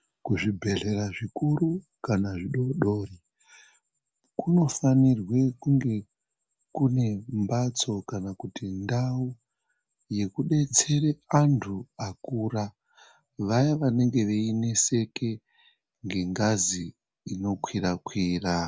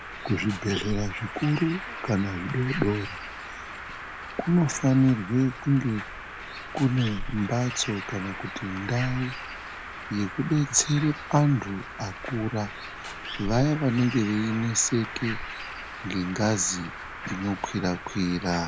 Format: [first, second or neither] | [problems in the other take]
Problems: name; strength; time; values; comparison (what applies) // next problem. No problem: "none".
first | background sound (Bird); 10 dB below the speech